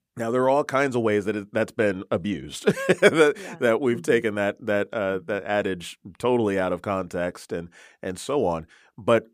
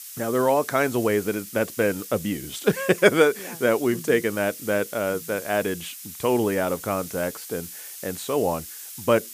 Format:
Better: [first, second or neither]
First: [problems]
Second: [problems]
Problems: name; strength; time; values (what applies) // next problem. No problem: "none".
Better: first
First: none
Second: hiss; noticeable; throughout; 10 dB below the speech